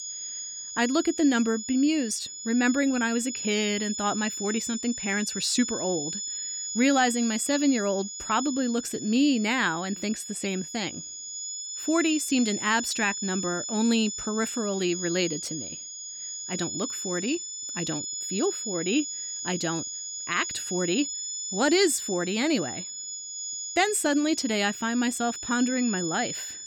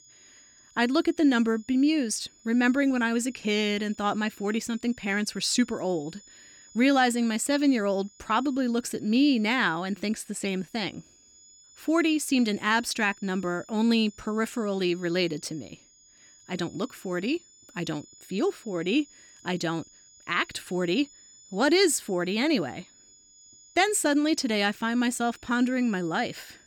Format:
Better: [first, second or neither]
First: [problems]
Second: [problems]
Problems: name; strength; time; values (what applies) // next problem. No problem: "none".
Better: second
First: high-pitched whine; loud; throughout; 7 kHz, 6 dB below the speech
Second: high-pitched whine; faint; throughout; 7 kHz, 25 dB below the speech